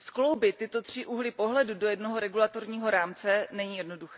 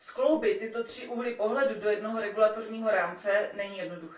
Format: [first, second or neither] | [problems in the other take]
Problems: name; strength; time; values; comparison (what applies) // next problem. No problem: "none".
first | room echo; dies away in 0.3 s